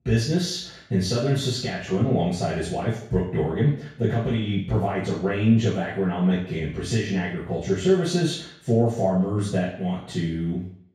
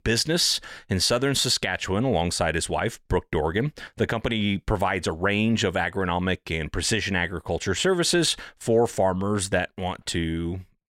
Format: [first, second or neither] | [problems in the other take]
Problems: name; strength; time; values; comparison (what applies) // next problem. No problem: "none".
second | room echo; noticeable; dies away in 0.6 s // off-mic speech; far